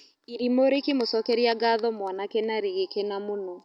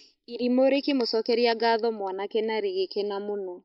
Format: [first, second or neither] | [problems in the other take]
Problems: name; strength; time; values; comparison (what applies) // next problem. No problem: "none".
first | noise reduction (neural mask model Resemble Enhance denoiser)